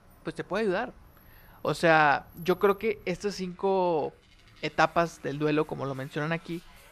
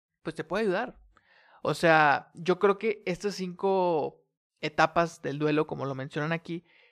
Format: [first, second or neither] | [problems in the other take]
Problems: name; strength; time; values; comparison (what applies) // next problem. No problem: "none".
second | traffic noise; faint; throughout; 25 dB below the speech